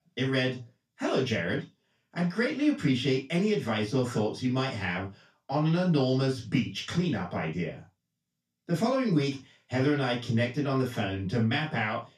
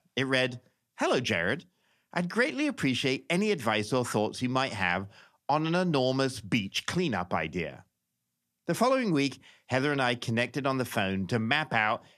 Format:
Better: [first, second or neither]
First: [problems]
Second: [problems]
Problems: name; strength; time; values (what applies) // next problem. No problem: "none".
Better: second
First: room echo; noticeable; dies away in 0.2 s // off-mic speech; far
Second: none